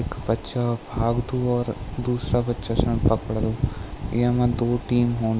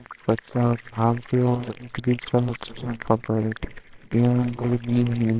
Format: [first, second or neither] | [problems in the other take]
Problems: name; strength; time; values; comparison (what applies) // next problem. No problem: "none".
first | noise reduction (neural separator model SepFormer WHAMR!)